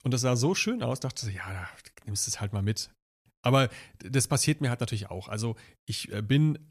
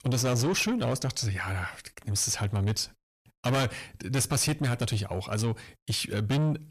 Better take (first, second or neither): first